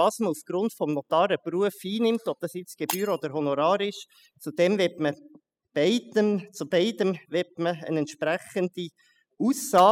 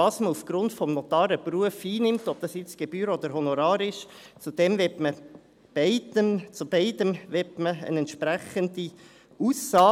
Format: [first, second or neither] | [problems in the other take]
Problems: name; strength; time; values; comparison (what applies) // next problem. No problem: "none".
second | noise reduction (classical method spectral subtraction)